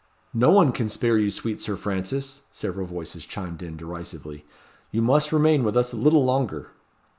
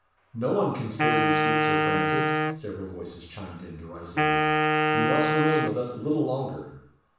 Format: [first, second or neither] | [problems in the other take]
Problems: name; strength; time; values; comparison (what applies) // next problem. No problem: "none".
first | background sound (Wind instrument, woodwind instrument); 5 dB above the speech // room echo; dies away in 0.7 s